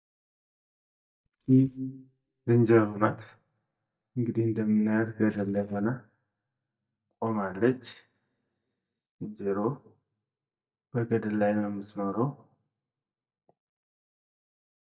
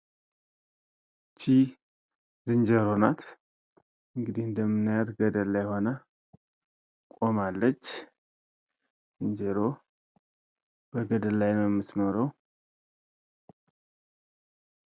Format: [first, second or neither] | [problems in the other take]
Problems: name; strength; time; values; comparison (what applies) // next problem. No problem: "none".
second | noise reduction (neural mask model DeepFilterNet 3)